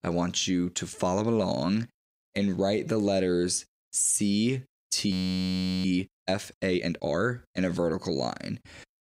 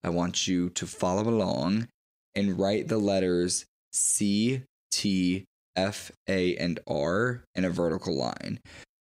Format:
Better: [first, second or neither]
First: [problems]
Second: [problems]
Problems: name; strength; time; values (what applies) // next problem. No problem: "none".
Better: second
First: audio freezing; at 5 s for 0.5 s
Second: none